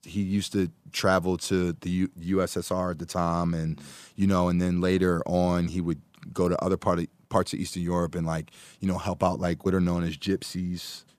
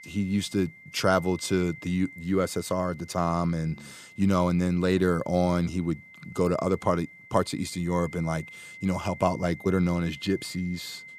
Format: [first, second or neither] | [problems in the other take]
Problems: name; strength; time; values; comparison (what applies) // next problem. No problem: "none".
first | high-pitched whine; noticeable; throughout; 2 kHz, 20 dB below the speech